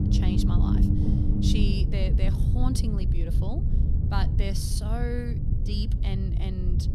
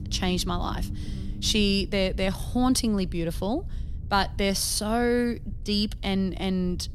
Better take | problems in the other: second | low rumble; loud; throughout; 1 dB below the speech; faint in the second

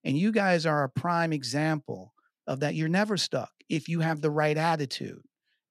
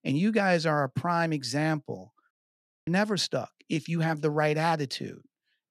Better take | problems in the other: first | audio cutting out; at 2.5 s for 0.5 s

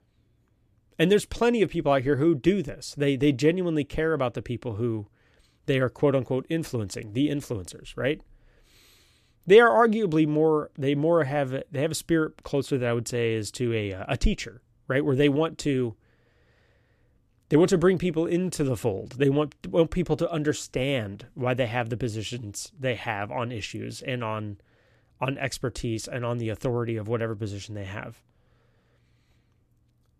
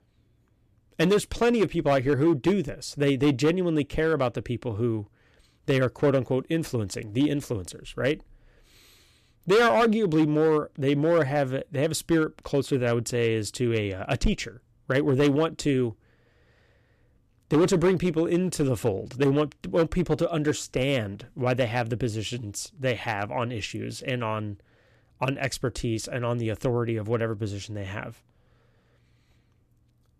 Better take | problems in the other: first | distortion; slight; 3% of the sound clipped

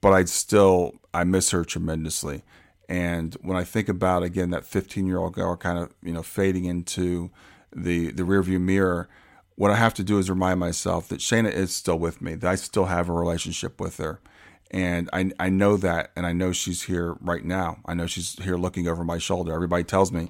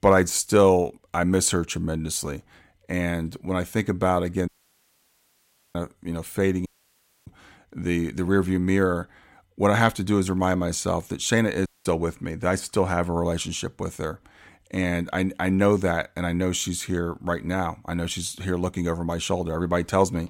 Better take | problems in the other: first | audio cutting out; at 4.5 s for 1.5 s, at 6.5 s for 0.5 s and at 12 s

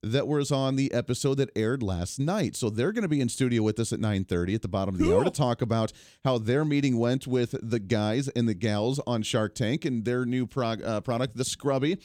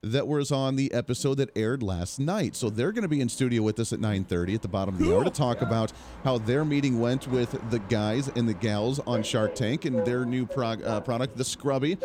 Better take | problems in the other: first | train or aircraft noise; noticeable; throughout; 10 dB below the speech

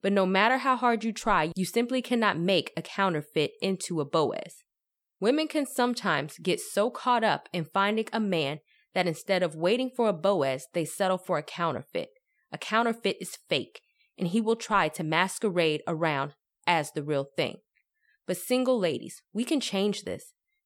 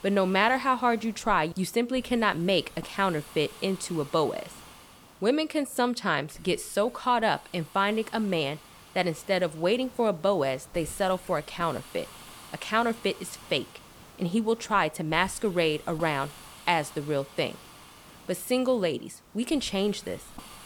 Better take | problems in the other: first | hiss; faint; throughout; 20 dB below the speech

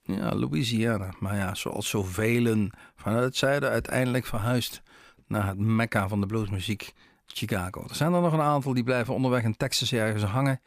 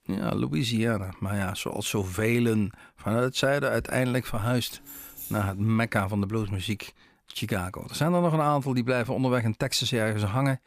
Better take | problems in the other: first | jangling keys; faint; at 5 s; peak 10 dB below the speech

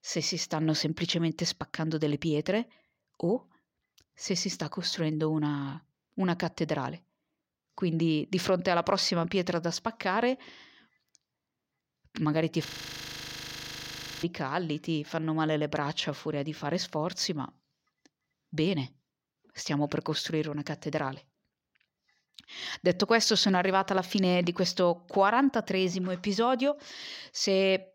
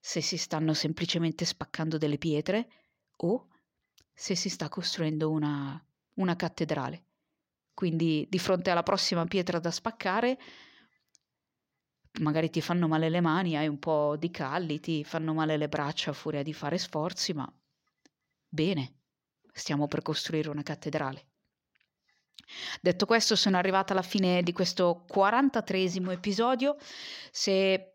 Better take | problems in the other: second | audio freezing; at 13 s for 1.5 s

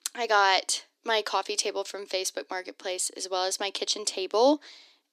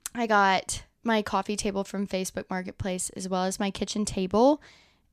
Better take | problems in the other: second | thin; somewhat; fading below 300 Hz

